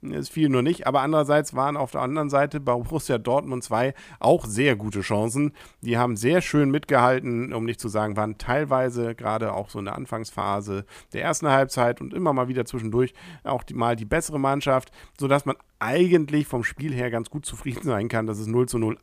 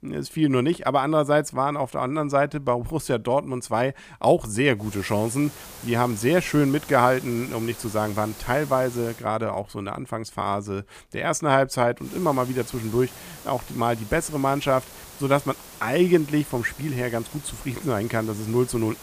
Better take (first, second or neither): first